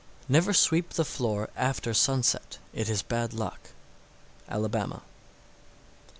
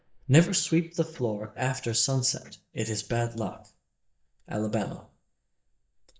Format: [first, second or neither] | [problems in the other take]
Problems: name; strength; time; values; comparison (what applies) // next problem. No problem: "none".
first | noise reduction (neural mask model DeepFilterNet 3)